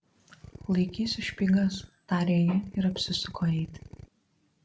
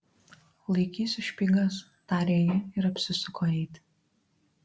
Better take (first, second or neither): second